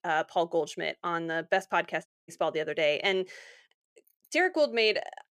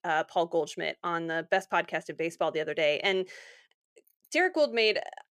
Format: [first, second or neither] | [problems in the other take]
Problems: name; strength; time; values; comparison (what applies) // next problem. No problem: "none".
second | audio cutting out; at 2 s